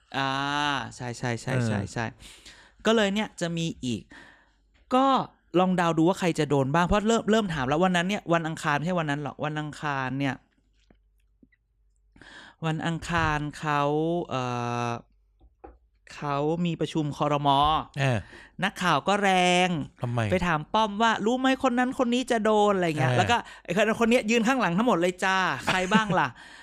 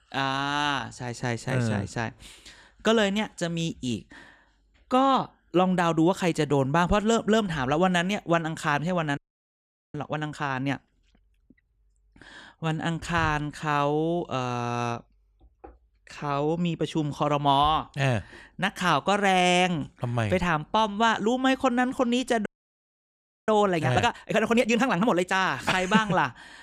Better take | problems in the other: first | audio freezing; at 9 s for 1 s and at 22 s for 1 s

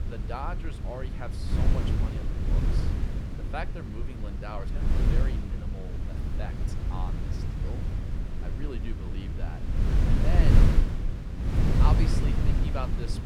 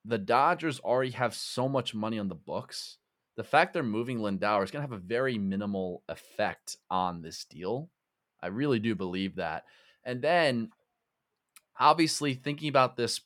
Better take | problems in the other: second | wind noise on the microphone; heavy; as loud as the speech

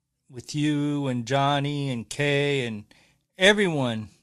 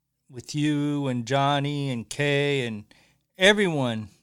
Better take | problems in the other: second | garbled, watery; slightly

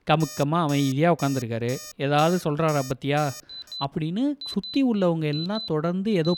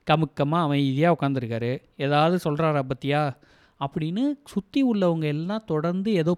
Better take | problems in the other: second | alarms or sirens; noticeable; throughout; 15 dB below the speech

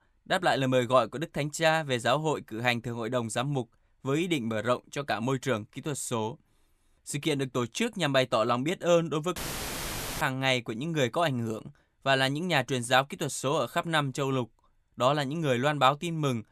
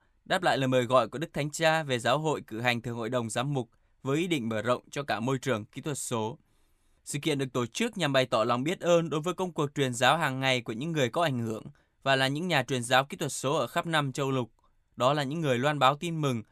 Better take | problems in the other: second | audio cutting out; filled with static; at 9.5 s for 1 s

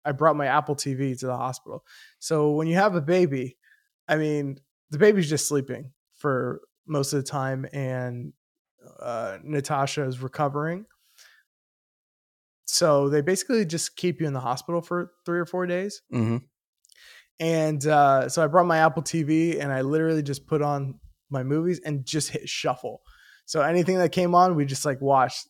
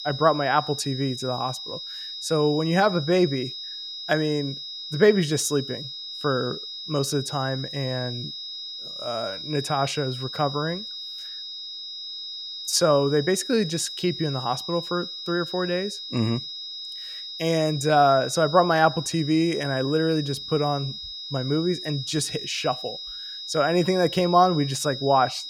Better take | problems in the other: first | high-pitched whine; loud; throughout; 4 kHz, 9 dB below the speech

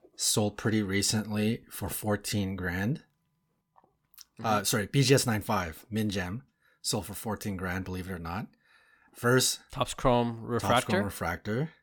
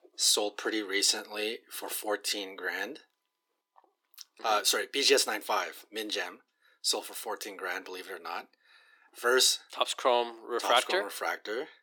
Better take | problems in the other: first | thin; very; fading below 350 Hz

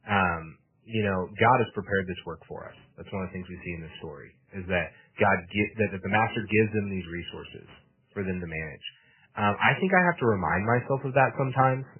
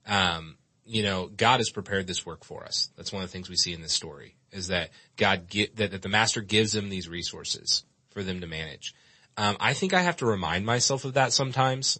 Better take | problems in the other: second | garbled, watery; badly; nothing above 3 kHz; slightly in the second

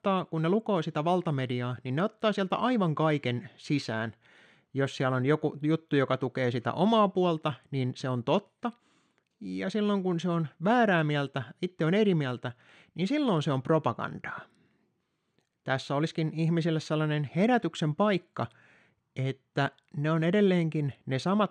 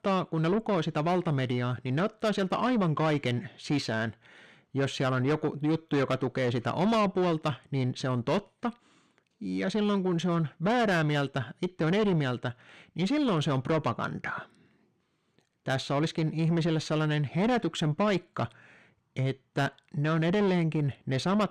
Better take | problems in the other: first | distortion; slight; 10 dB below the speech

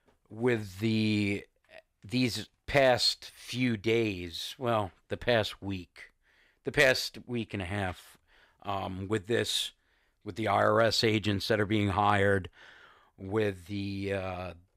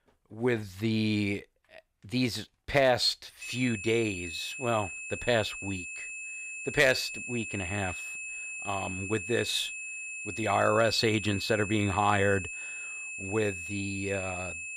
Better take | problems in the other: first | high-pitched whine; loud; from 3.5 s on; 2.5 kHz, 7 dB below the speech

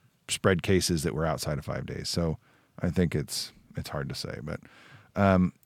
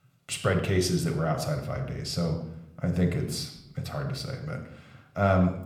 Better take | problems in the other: first | room echo; slight; dies away in 0.7 s

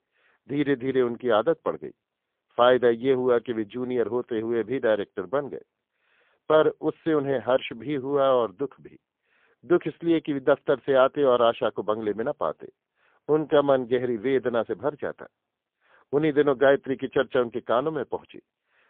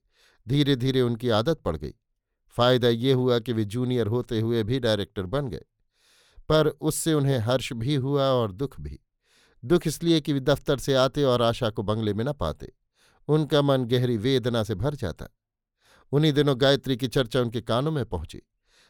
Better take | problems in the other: second | phone-call audio; poor line; nothing above 3.5 kHz

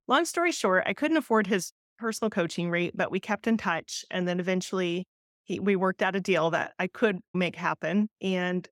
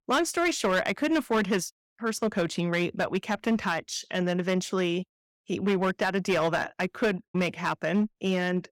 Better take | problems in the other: first | distortion; slight; 8% of the sound clipped

